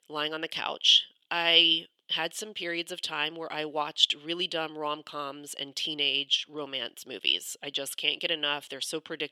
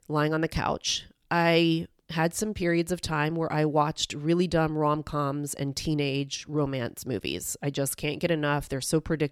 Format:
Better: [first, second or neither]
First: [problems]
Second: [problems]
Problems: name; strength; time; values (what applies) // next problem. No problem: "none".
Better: second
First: thin; somewhat; fading below 400 Hz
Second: none